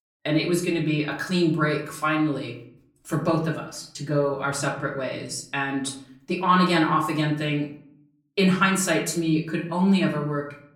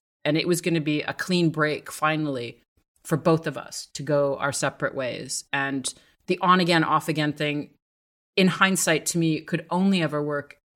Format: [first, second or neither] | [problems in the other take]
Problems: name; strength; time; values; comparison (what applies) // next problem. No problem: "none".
second | off-mic speech; far // room echo; slight; dies away in 0.5 s